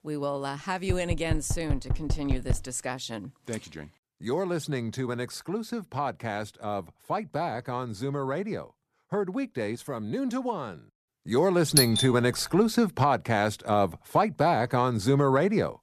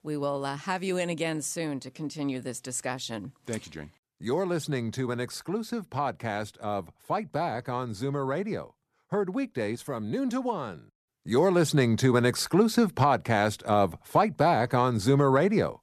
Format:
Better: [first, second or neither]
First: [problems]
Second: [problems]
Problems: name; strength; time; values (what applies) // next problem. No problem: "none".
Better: second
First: door banging; noticeable; from 1 to 2.5 s; peak 4 dB below the speech // doorbell; loud; at 12 s; peak 6 dB above the speech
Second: none